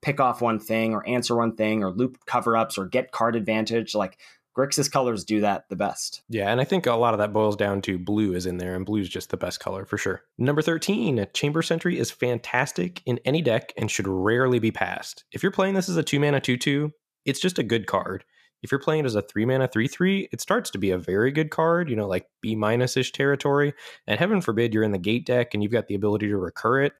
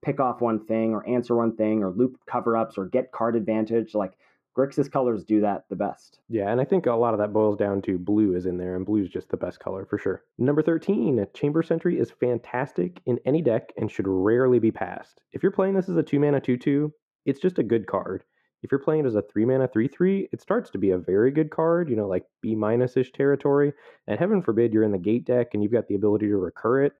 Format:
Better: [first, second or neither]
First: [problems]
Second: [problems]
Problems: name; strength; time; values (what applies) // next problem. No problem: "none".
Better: first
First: none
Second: muffled; very; fading above 3 kHz